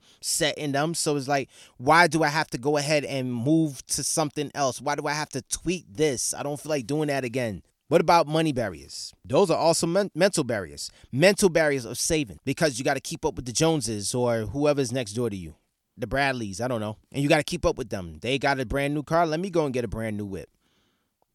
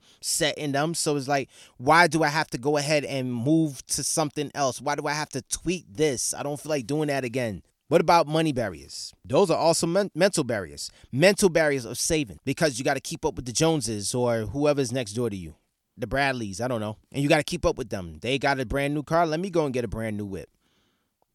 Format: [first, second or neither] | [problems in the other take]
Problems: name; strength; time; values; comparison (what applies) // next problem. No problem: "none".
neither | none